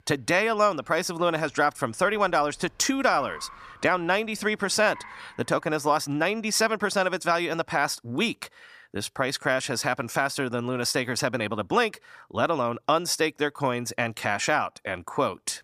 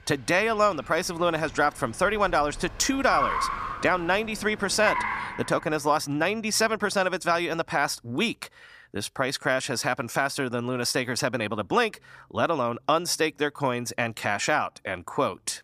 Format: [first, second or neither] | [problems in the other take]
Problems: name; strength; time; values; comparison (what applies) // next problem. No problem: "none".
first | traffic noise; loud; throughout; 8 dB below the speech; faint in the first